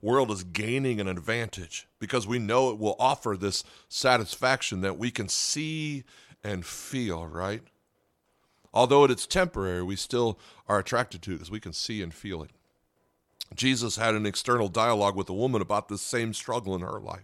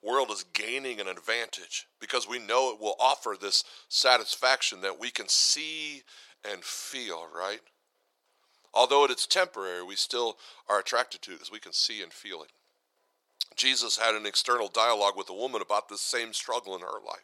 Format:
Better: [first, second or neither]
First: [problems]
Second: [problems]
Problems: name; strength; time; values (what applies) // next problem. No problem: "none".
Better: first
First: none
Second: thin; very; fading below 500 Hz